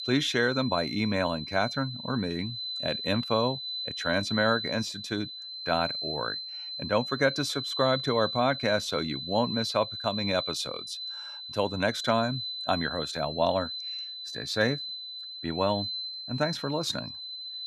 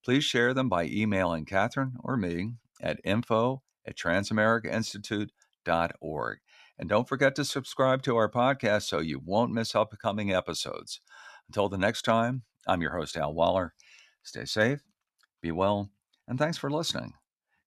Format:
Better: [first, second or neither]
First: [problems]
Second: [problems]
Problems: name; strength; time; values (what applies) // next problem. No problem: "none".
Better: second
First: high-pitched whine; loud; throughout; 4 kHz, 5 dB below the speech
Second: none